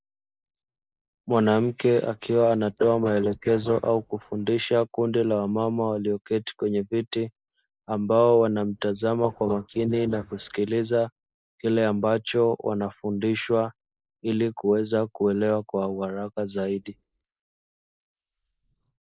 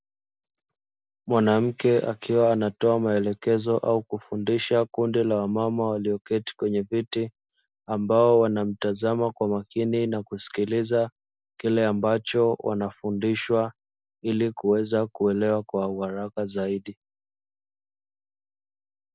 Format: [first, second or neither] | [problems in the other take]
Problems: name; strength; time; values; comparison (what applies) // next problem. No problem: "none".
second | noise reduction (neural mask model Resemble Enhance denoiser)